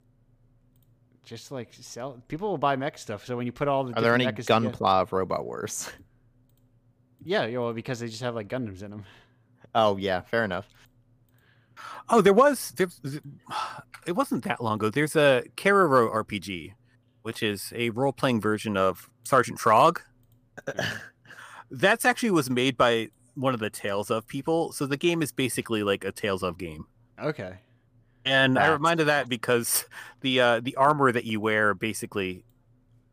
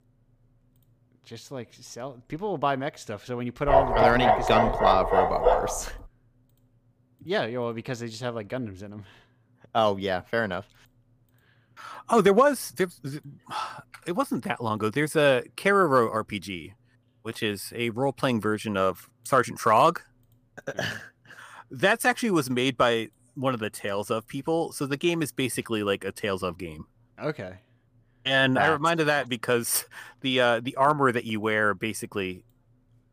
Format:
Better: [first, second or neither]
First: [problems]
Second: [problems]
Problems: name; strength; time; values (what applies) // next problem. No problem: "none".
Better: first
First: none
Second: dog barking; loud; from 3.5 to 6 s; peak 5 dB above the speech